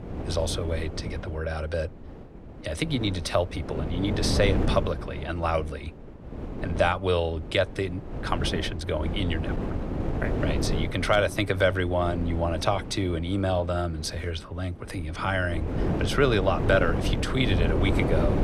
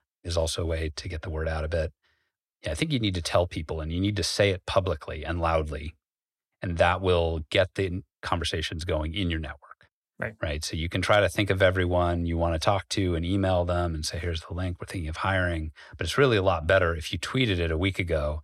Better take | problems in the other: second | wind noise on the microphone; heavy; 9 dB below the speech

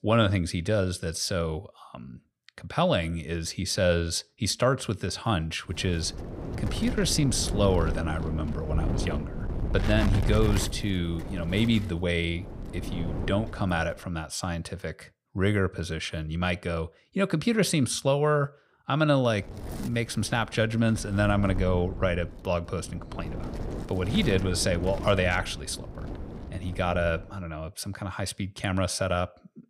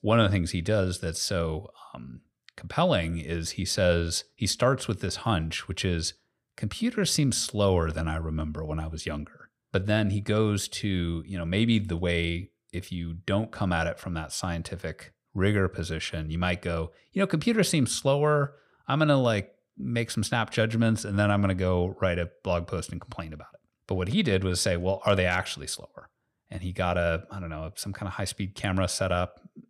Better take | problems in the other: second | wind noise on the microphone; occasional gusts; from 6 to 14 s and from 20 to 27 s; 10 dB below the speech

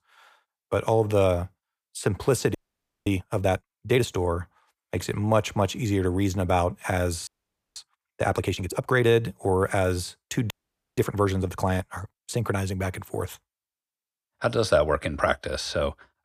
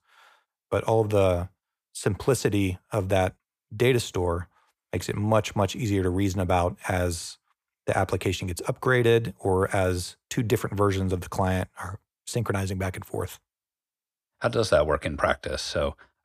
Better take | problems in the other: second | audio freezing; at 2.5 s for 0.5 s, at 7.5 s and at 11 s

